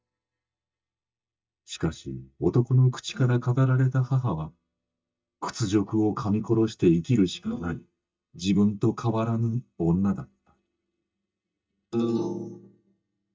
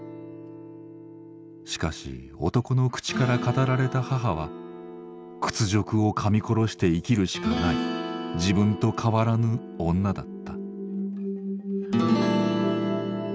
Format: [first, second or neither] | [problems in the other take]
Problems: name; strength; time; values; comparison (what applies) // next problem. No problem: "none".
second | noise reduction (neural mask model DeepFilterNet 3)